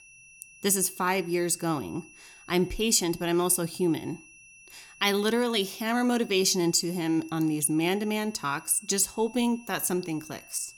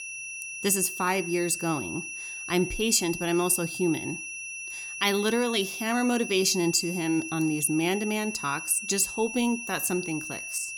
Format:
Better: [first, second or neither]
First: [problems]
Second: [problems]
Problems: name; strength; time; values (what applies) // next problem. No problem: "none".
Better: first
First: high-pitched whine; faint; throughout; 2.5 kHz, 25 dB below the speech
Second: high-pitched whine; loud; throughout; 2.5 kHz, 8 dB below the speech